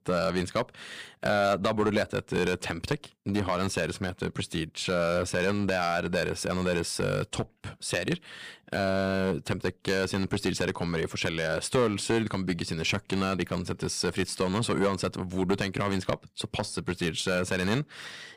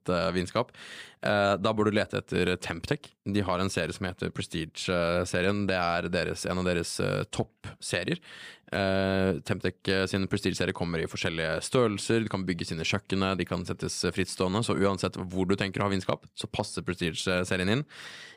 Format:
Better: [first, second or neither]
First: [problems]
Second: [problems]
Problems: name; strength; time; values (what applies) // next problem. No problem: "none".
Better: second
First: distortion; slight; 4% of the sound clipped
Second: none